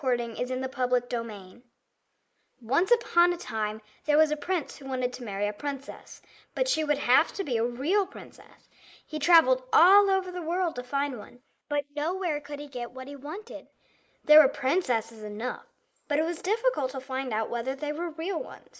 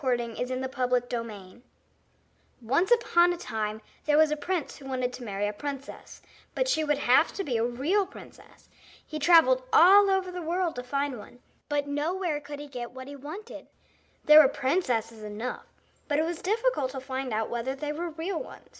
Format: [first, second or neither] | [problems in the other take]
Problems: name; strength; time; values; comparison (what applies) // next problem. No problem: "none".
second | noise reduction (neural mask model Resemble Enhance denoiser)